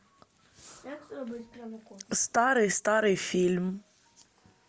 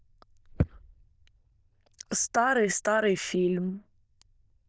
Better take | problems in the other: first | noise reduction (neural diffusion model UNIVERSE++)

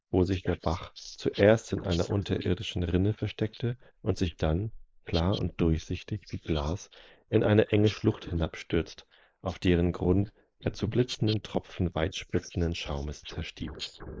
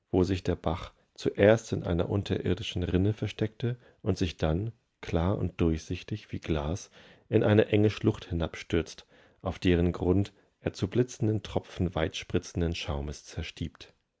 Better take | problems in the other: second | noise reduction (neural mask model Resemble Enhance denoiser)

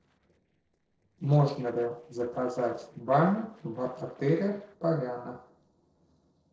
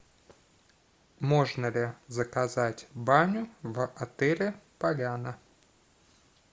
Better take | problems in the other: second | noise reduction (neural separator model SepFormer DNS4)

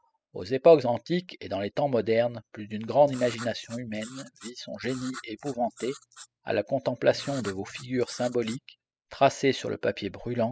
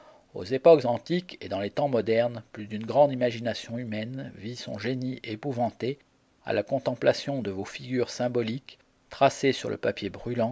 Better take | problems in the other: second | noise reduction (classical method spectral subtraction)

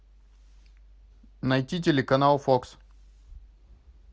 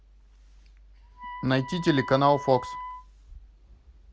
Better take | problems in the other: first | background sound (Wind instrument, woodwind instrument); 14 dB below the speech

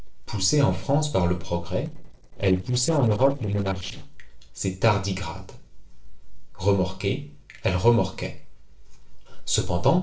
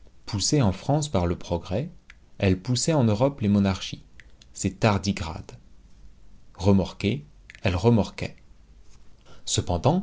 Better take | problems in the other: second | noise reduction (neural separator model SepFormer DNS4)

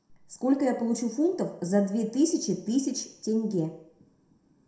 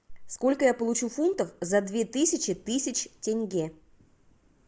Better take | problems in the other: second | room echo; dies away in 0.6 s

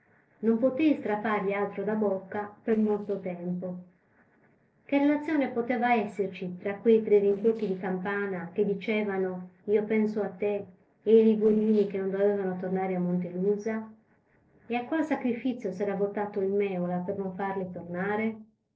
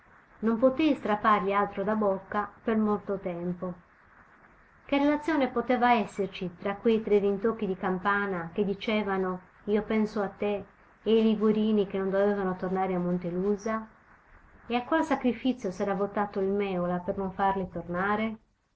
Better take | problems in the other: second | noise reduction (neural separator model SepFormer DNS4)

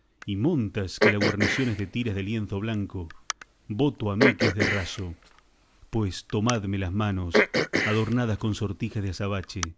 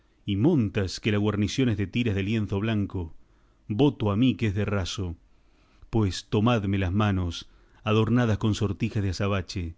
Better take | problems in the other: second | background sound (Cough); 2 dB below the speech

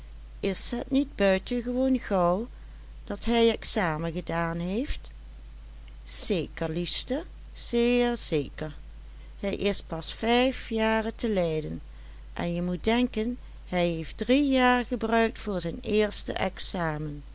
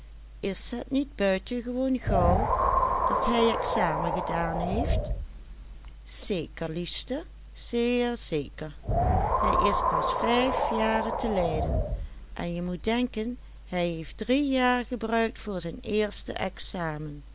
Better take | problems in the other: first | background sound (Wind); 3 dB above the speech

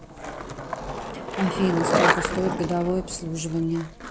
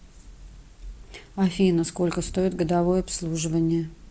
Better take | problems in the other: second | background sound (Skateboard); as loud as the speech

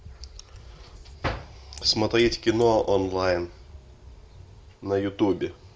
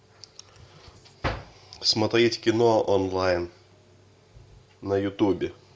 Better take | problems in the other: second | background sound (Bird + Fire); 18 dB below the speech

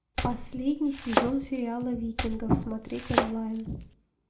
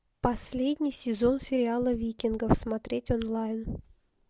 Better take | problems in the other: second | background sound (Domestic sounds, home sounds); 3 dB below the speech // room echo; dies away in 0.3 s

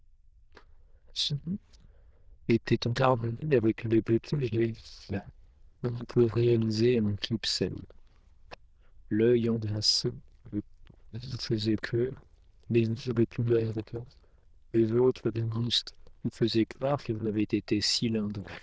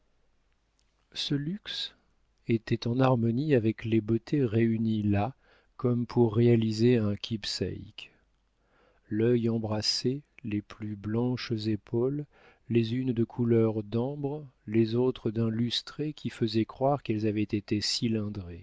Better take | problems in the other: second | noise reduction (neural diffusion model UNIVERSE++)

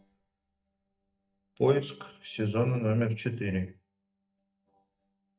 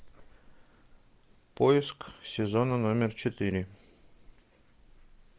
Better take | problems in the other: second | noise reduction (neural mask model DeepFilterNet 3)

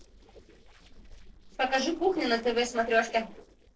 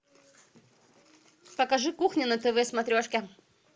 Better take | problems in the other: second | noise reduction (neural separator model SepFormer DNS4)

